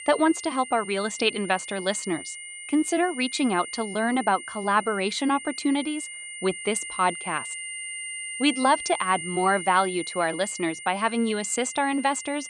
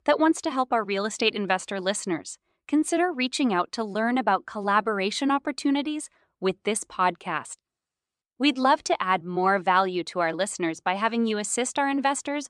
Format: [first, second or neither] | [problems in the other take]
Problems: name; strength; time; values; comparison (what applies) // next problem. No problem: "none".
second | high-pitched whine; loud; throughout; 2 kHz, 9 dB below the speech